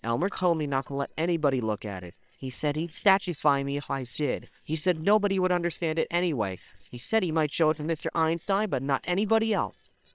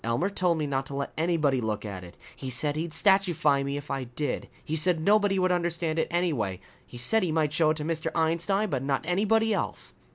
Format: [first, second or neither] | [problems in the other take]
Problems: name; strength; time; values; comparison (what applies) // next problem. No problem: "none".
second | noise reduction (neural separator model SepFormer WHAM!)